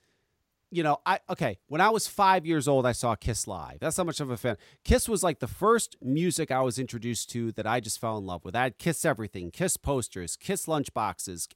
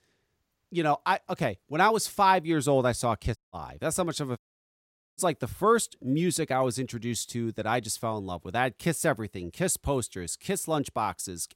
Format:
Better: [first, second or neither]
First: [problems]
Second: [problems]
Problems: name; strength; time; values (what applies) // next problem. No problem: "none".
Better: first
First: none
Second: audio cutting out; at 3.5 s and at 4.5 s for 1 s